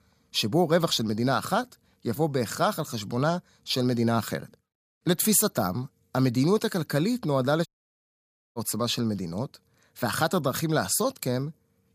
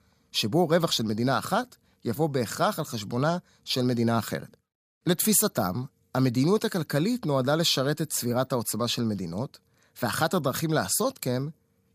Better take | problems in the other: second | audio cutting out; at 7.5 s for 1 s

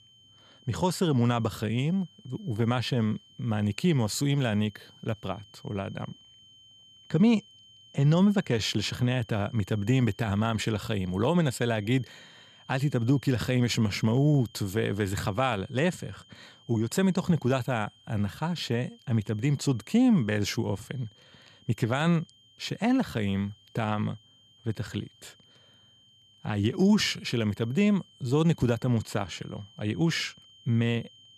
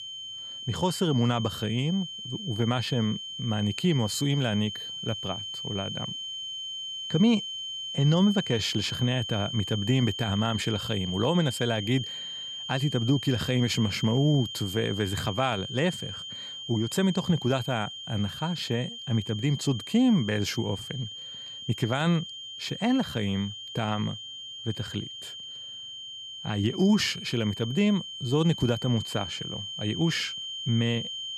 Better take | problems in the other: first | high-pitched whine; loud; throughout; 3 kHz, 7 dB below the speech; faint in the first

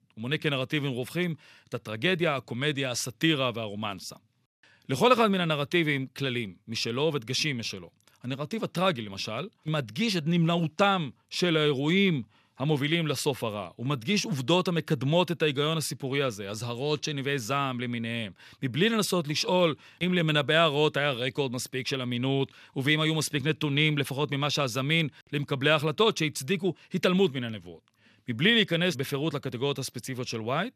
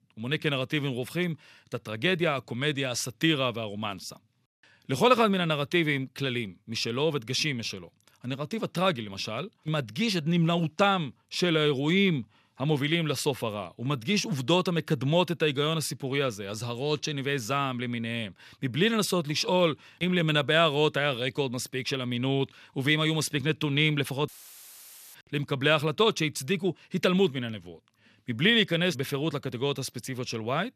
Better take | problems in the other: first | audio cutting out; filled with static; at 24 s for 1 s

